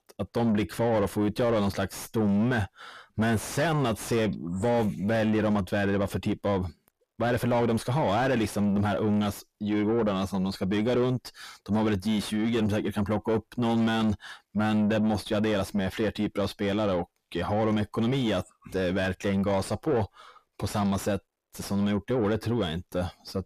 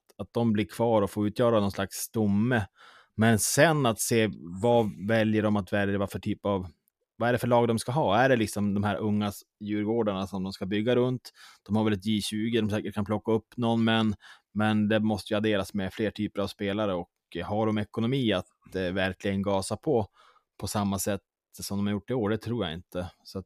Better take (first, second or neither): second